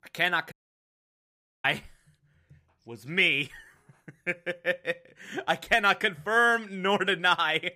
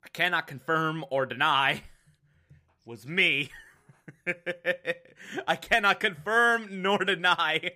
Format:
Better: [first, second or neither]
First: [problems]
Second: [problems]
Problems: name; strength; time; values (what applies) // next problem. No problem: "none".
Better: second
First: audio cutting out; at 0.5 s for 1 s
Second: none